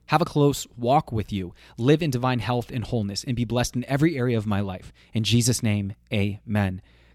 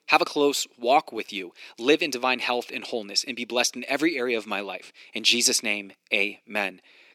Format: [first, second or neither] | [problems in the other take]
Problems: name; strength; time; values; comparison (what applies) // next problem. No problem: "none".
first | thin; somewhat; fading below 300 Hz